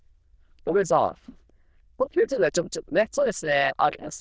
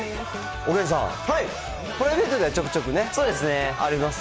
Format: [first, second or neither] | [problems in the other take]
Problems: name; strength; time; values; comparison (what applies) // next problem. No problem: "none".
second | noise reduction (neural diffusion model UNIVERSE++)